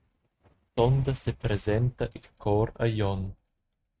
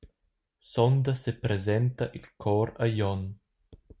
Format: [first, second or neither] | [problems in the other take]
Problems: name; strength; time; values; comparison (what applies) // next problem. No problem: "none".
second | noise reduction (neural mask model RNNoise)